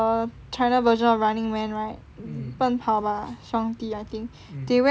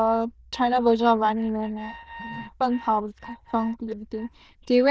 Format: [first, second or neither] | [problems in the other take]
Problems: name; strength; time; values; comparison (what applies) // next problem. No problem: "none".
first | noise reduction (neural diffusion model UNIVERSE++)